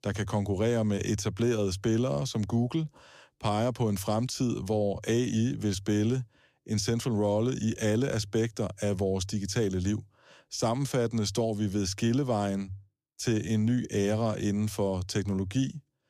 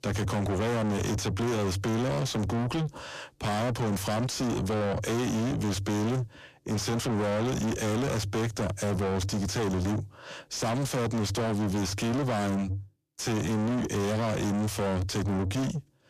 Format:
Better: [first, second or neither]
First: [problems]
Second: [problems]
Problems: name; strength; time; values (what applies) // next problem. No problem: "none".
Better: first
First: none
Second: distortion; heavy; 5 dB below the speech